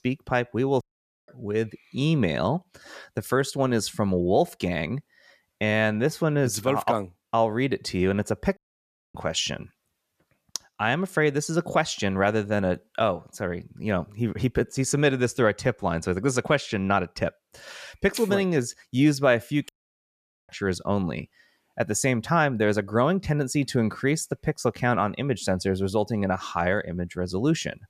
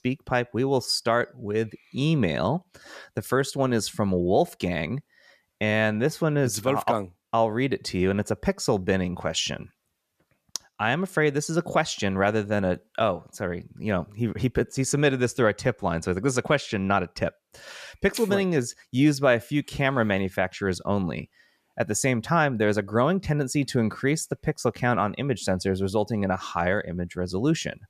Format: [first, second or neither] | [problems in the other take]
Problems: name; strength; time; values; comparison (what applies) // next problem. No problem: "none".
second | audio cutting out; at 1 s, at 8.5 s for 0.5 s and at 20 s for 1 s